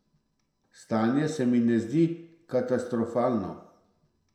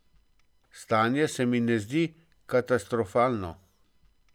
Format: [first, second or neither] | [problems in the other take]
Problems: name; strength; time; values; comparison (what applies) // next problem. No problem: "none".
second | room echo; dies away in 0.6 s